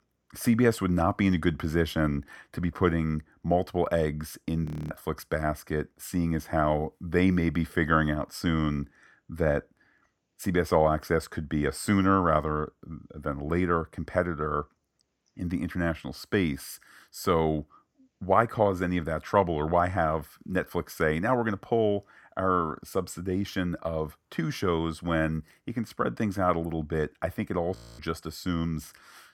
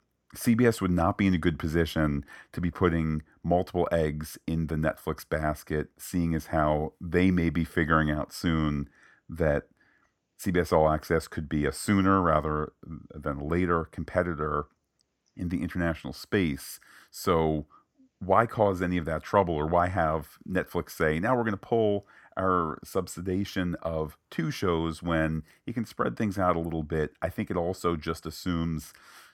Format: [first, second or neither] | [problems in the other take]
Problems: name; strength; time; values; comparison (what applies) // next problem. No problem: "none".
second | audio freezing; at 4.5 s and at 28 s